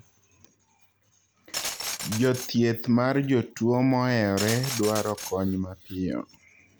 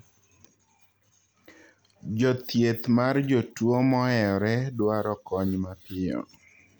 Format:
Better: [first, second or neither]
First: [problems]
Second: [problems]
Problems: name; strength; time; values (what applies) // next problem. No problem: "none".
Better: second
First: background sound (Glass); 10 dB below the speech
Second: none